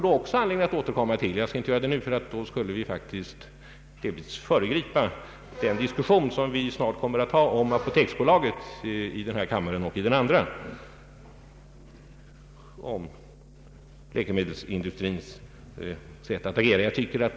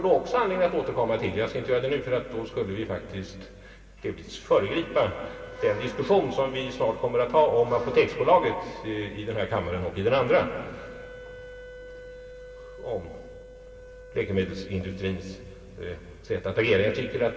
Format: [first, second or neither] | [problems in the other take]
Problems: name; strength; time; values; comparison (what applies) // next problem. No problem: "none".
first | background sound (Wind instrument, woodwind instrument); 19 dB below the speech // room echo; dies away in 2.2 s